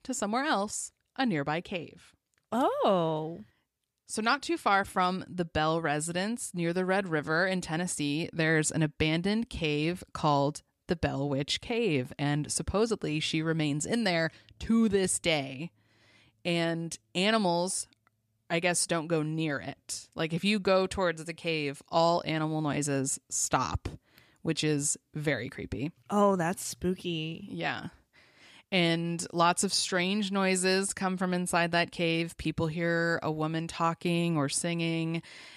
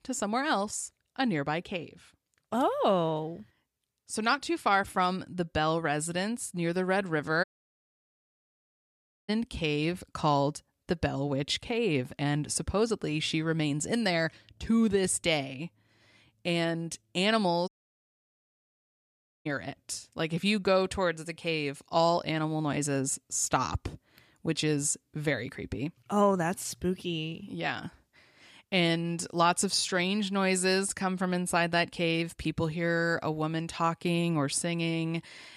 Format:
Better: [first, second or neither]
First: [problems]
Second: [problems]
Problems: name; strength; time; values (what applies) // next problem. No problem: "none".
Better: first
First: none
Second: audio cutting out; at 7.5 s for 2 s and at 18 s for 2 s